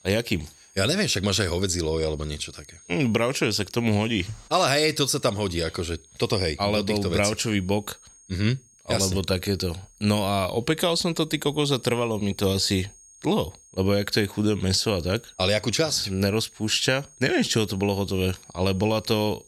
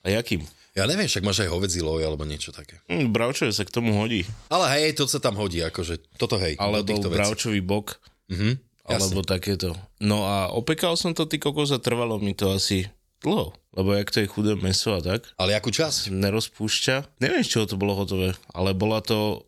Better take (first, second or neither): second